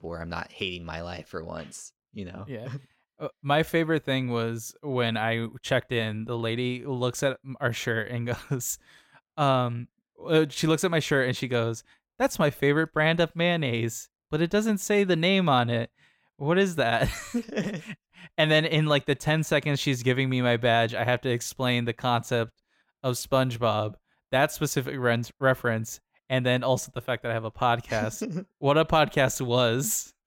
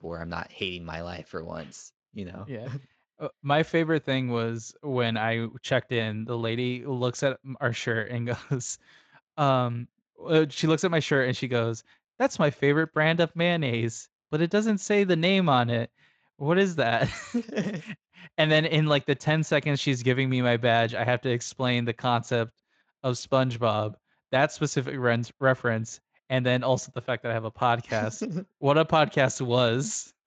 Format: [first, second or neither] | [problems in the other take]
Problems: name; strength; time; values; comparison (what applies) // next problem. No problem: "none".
first | garbled, watery; slightly; nothing above 7.5 kHz